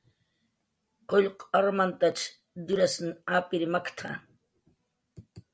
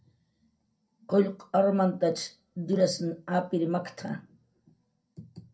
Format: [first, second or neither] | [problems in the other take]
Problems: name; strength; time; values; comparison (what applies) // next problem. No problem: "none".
first | room echo; dies away in 0.2 s